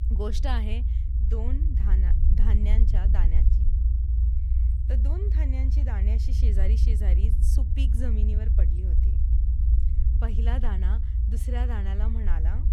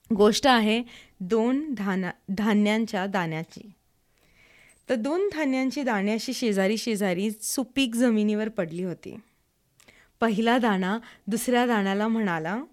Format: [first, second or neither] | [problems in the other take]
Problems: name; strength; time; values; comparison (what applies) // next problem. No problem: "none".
second | low rumble; loud; throughout; 3 dB below the speech